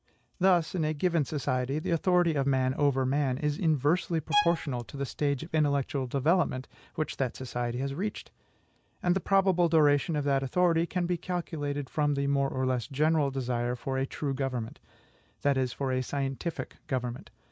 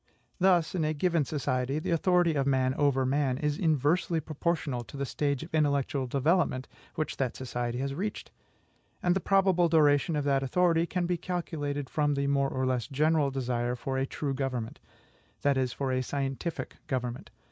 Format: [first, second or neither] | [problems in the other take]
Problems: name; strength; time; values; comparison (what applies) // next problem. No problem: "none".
second | background sound (Bowed string instrument); 7 dB below the speech